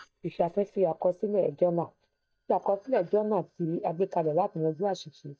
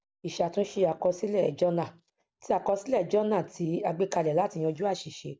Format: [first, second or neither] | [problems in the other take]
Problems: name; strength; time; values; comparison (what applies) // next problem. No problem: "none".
second | noise reduction (neural mask model DeepFilterNet 3)